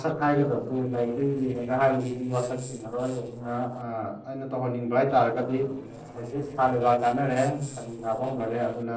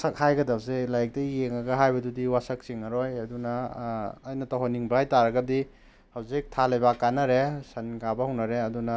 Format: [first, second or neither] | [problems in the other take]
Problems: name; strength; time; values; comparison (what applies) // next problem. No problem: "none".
second | noise reduction (neural separator model SepFormer DNS4)